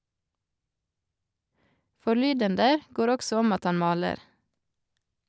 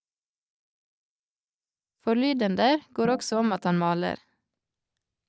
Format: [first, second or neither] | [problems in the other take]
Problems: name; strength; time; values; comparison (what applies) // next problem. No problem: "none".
first | noise reduction (neural mask model DeepFilterNet 3)